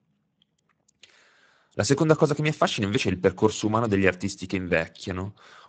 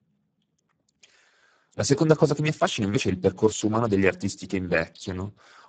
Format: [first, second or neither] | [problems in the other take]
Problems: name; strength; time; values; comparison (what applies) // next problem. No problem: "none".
first | garbled, watery; badly; nothing above 7.5 kHz; slightly in the first